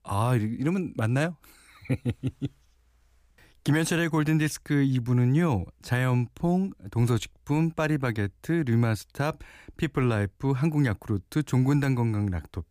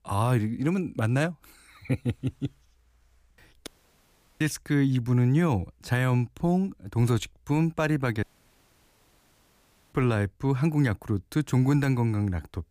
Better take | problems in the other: first | audio cutting out; at 3.5 s for 0.5 s and at 8 s for 1.5 s

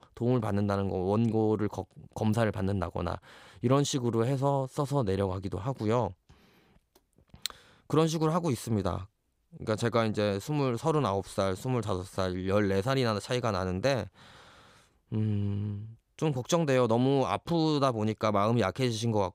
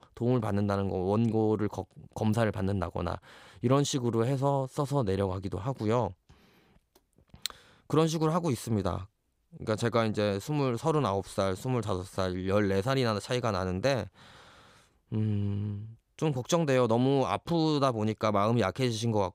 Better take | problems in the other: neither | none

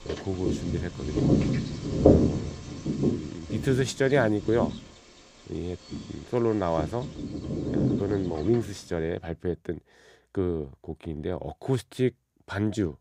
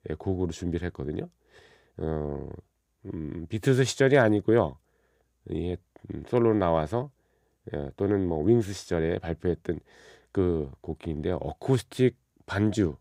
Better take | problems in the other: second | animal sounds; very loud; until 9 s; 1 dB above the speech

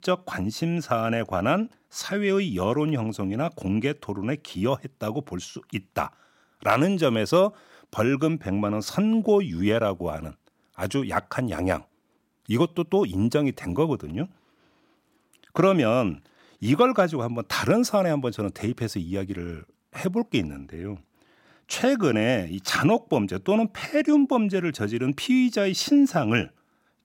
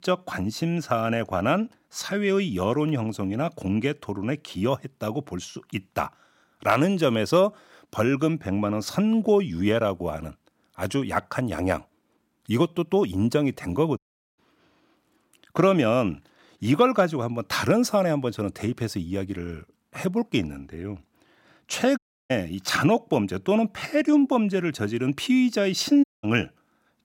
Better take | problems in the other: first | audio cutting out; at 14 s, at 22 s and at 26 s

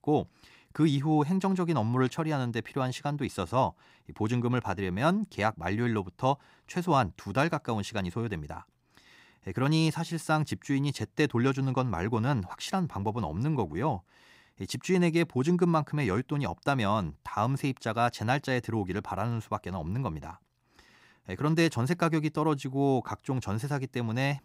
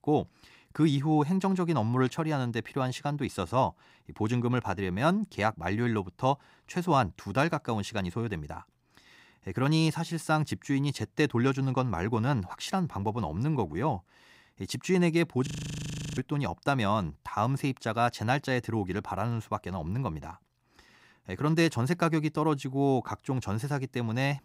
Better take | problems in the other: first | audio freezing; at 15 s for 0.5 s

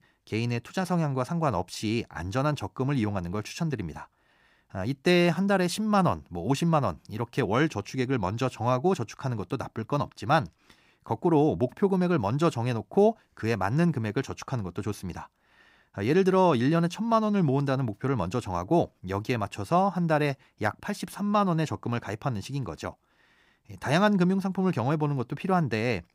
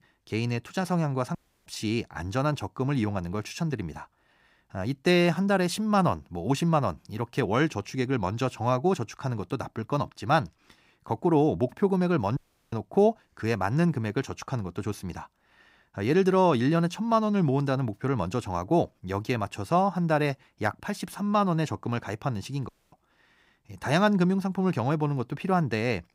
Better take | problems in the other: first | audio cutting out; at 1.5 s, at 12 s and at 23 s

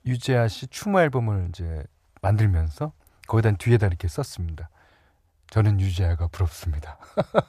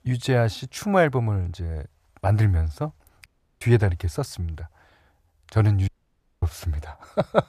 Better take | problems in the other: first | audio cutting out; at 3.5 s and at 6 s for 0.5 s

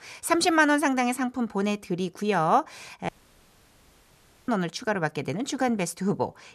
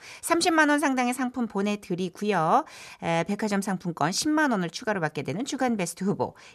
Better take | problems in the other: second | audio cutting out; at 3 s for 1.5 s

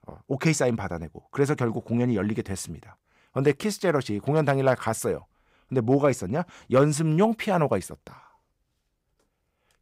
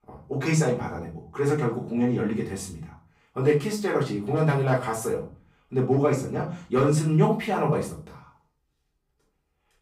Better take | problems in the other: first | off-mic speech; far // room echo; slight; dies away in 0.3 s

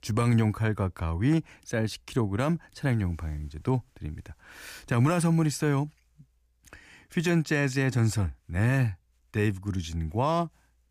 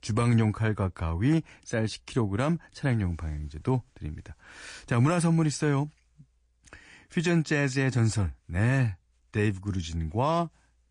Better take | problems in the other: first | garbled, watery; slightly; nothing above 9 kHz

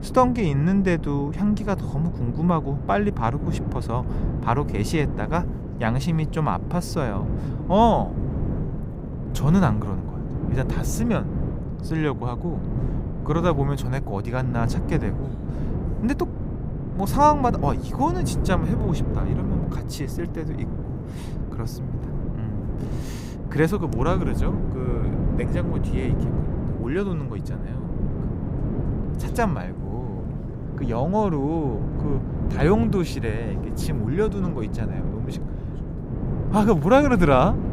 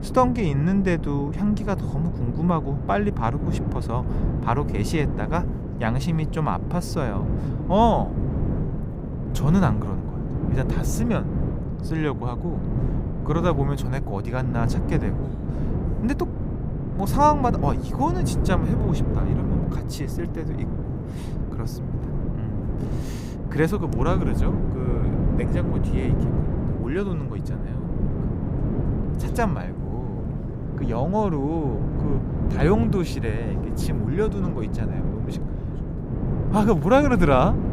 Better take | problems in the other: first | wind noise on the microphone; heavy; 9 dB below the speech; occasional gusts in the first

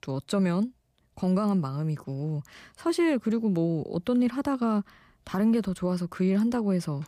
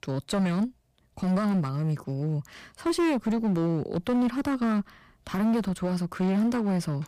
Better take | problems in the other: first | distortion; slight; 14% of the sound clipped

